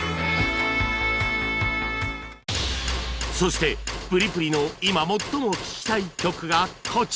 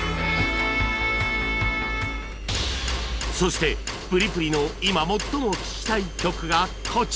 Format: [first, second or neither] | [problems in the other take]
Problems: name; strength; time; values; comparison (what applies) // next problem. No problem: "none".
first | background sound (Engine); 9 dB below the speech